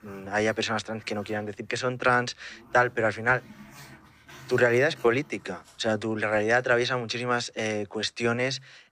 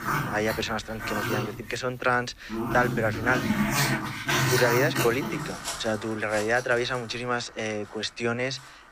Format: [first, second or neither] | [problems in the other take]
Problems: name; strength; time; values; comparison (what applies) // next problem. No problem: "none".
first | animal sounds; loud; throughout; 1 dB below the speech; faint in the first